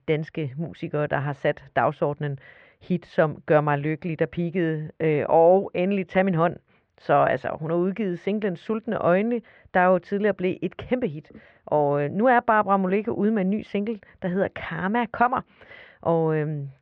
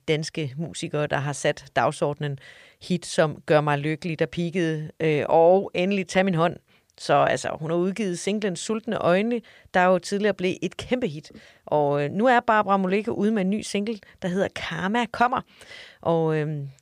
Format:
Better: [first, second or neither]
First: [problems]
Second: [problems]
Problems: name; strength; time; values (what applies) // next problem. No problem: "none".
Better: second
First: muffled; very; fading above 2 kHz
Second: none